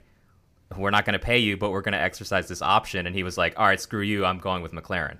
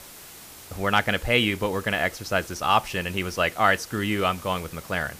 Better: first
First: none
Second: hiss; noticeable; throughout; 20 dB below the speech

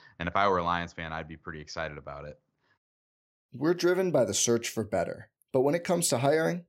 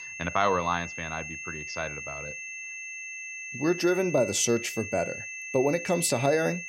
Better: first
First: none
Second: high-pitched whine; loud; throughout; 2.5 kHz, 9 dB below the speech

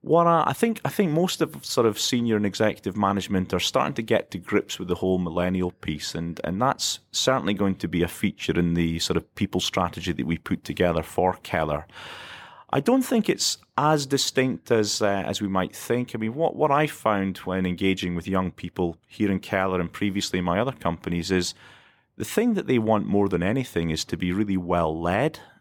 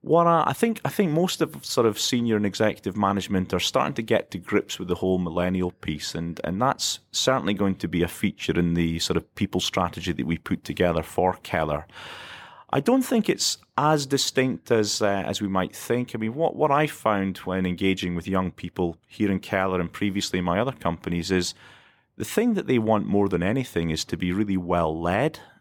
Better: neither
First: none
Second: none

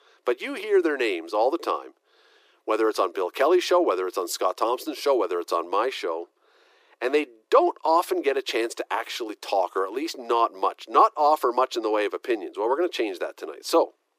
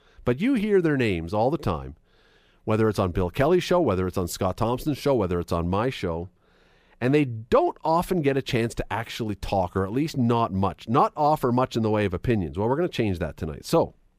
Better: second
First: thin; very; fading below 350 Hz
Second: none

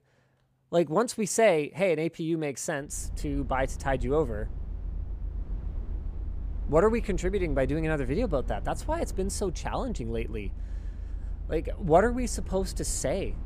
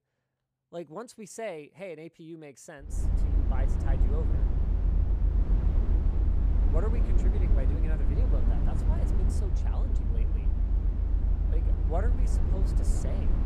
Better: first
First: low rumble; faint; from 3 s on; 25 dB below the speech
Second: low rumble; loud; from 3 s on; 1 dB below the speech

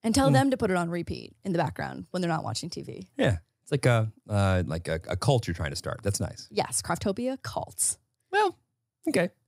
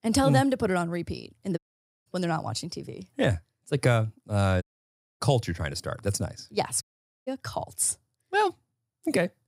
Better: first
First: none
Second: audio cutting out; at 1.5 s, at 4.5 s for 0.5 s and at 7 s

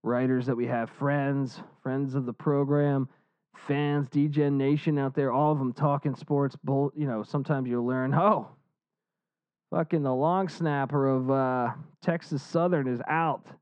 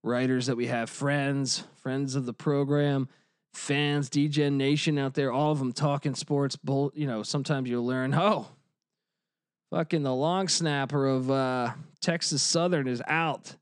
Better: second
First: muffled; very; fading above 3.5 kHz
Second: none

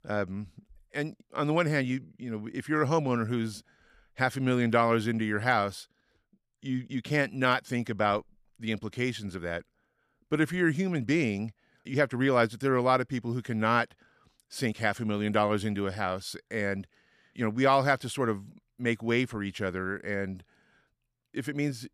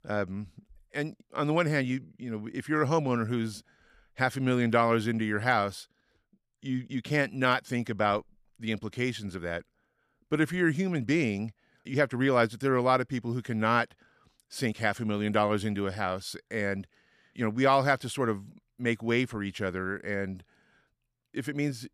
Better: neither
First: none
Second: none

